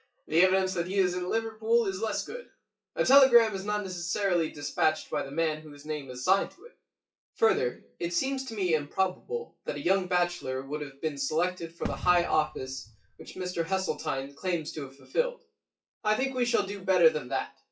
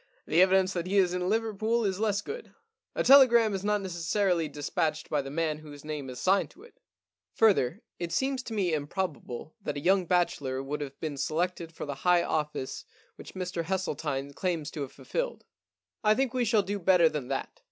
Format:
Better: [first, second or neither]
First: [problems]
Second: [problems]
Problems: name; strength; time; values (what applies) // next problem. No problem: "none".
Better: second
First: noise reduction (classical method WPE with log-MMSE)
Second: none